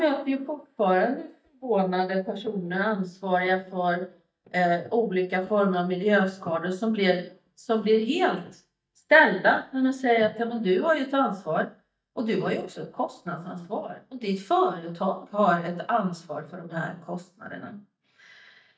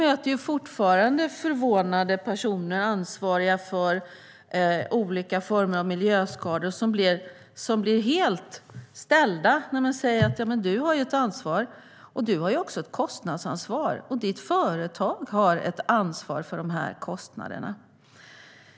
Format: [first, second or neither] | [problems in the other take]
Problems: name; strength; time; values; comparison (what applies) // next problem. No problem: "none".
second | noise reduction (neural mask model DeepFilterNet 3)